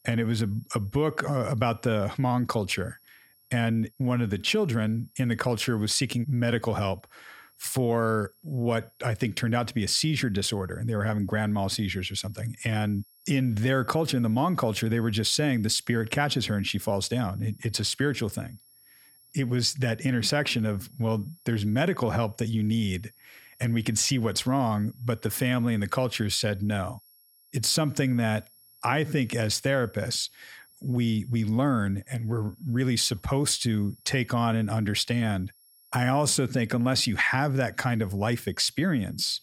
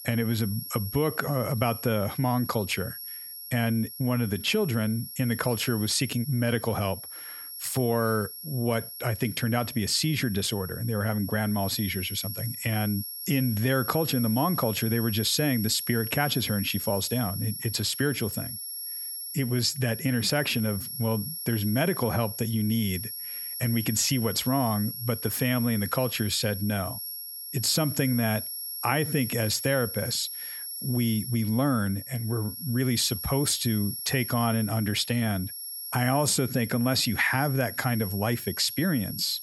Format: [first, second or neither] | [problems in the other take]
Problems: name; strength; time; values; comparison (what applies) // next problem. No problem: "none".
first | high-pitched whine; loud; throughout; 11.5 kHz, 7 dB below the speech; faint in the first